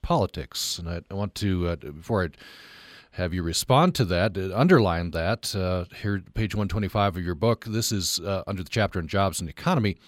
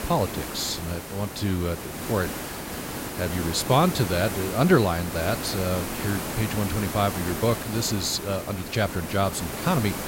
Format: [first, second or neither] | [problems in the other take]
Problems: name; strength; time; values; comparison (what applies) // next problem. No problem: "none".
first | hiss; loud; throughout; 6 dB below the speech